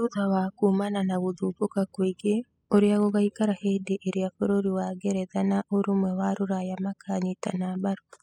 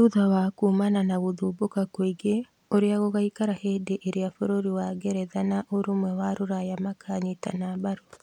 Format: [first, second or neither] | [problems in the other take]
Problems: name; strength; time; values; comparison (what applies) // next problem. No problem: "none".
second | noise reduction (classical method spectral subtraction)